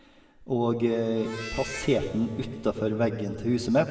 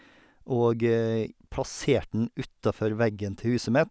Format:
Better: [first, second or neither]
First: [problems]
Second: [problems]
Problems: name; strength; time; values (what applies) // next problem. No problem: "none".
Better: second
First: background sound (Harmonica); 16 dB below the speech // room echo; dies away in 1.5 s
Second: none